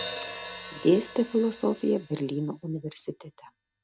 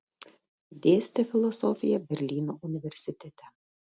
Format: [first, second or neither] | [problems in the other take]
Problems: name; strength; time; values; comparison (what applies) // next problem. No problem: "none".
second | background sound (Hi-hat); 14 dB below the speech